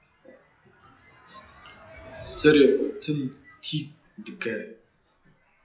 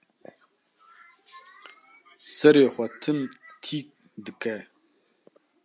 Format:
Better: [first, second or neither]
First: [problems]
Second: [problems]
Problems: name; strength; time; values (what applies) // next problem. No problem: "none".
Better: second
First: noise reduction (classical method WPE with log-MMSE)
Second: none